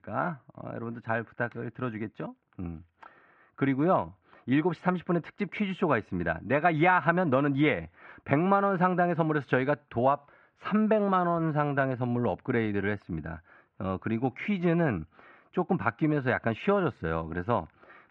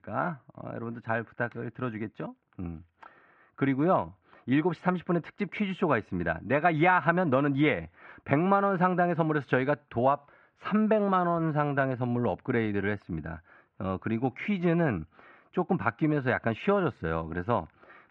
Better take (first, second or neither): neither